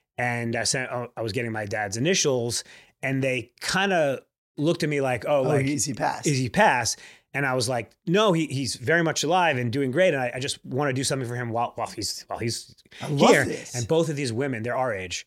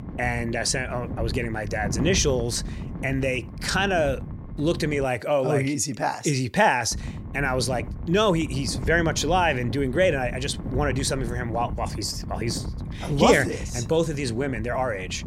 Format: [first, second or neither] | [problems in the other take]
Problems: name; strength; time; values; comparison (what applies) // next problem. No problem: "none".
first | wind noise on the microphone; occasional gusts; until 5 s and from 7 s on; 20 dB below the speech